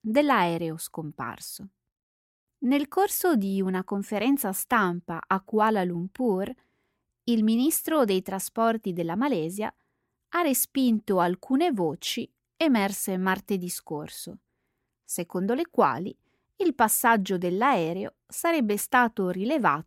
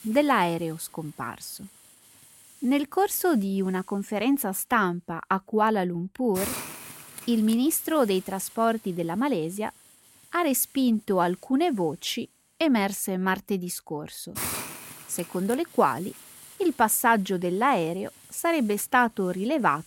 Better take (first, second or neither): first